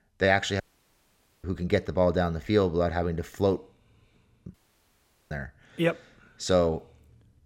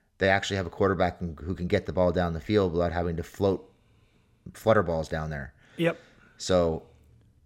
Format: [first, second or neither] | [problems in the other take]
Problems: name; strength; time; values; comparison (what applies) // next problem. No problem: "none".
second | audio cutting out; at 0.5 s for 1 s and at 4.5 s for 1 s